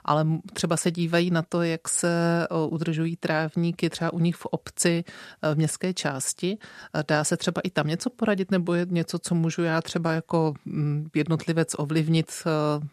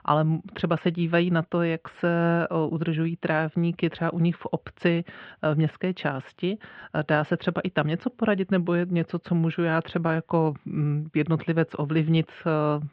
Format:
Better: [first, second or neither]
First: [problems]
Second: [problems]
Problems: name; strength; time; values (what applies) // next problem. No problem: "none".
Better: first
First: none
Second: muffled; very; fading above 3 kHz